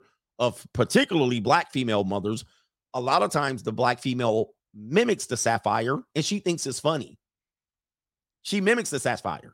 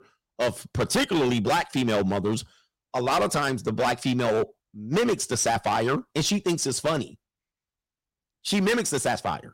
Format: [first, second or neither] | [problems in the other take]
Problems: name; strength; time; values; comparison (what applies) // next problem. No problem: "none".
first | distortion; heavy; 11% of the sound clipped